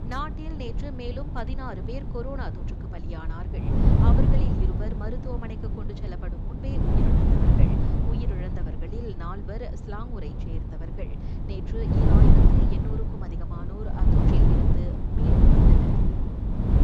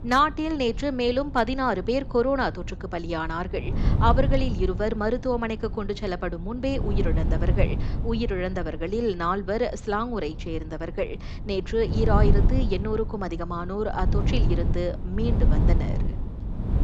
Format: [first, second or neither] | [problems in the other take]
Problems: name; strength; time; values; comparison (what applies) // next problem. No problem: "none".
second | wind noise on the microphone; heavy; 4 dB above the speech; occasional gusts in the second